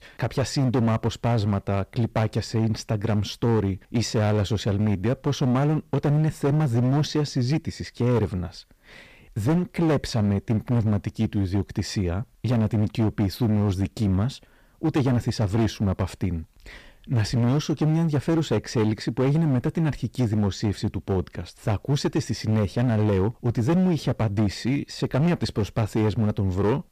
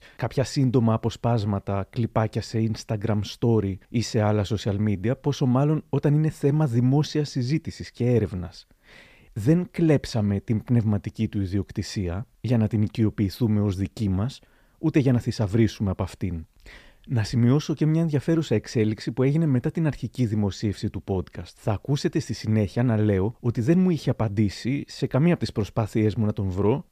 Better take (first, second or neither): second